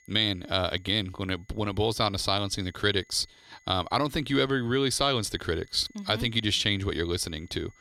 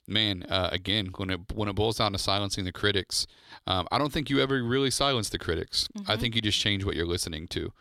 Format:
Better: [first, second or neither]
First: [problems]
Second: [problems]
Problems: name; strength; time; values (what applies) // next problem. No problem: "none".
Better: second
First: high-pitched whine; faint; throughout; 2 kHz, 35 dB below the speech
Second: none